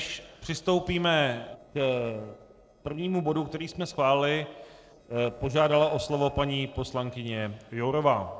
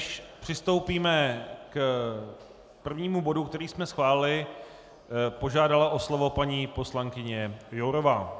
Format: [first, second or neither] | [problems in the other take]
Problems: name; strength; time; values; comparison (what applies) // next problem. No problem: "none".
second | noise reduction (neural separator model SepFormer DNS4)